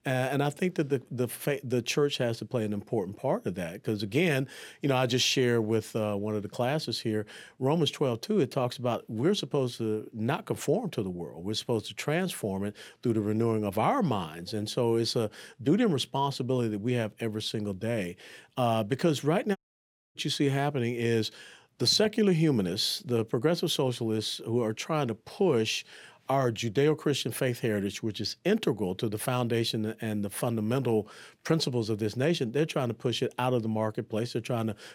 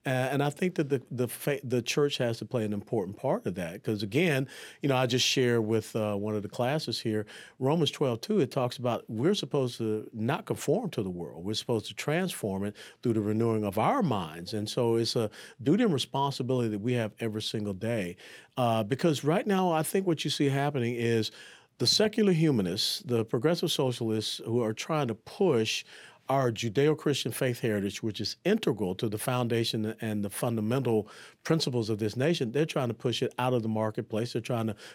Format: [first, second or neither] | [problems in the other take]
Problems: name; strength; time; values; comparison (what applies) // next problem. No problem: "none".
second | audio cutting out; at 20 s for 0.5 s